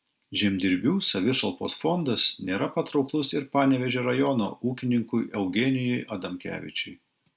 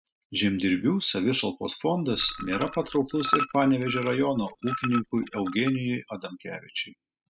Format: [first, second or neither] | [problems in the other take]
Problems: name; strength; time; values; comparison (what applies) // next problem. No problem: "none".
first | noise reduction (classical method spectral subtraction)